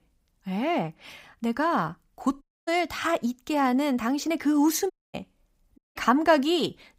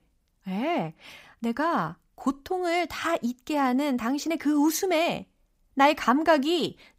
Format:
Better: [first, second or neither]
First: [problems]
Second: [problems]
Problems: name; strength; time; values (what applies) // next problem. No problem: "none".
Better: second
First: audio cutting out; at 2.5 s, at 5 s and at 6 s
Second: none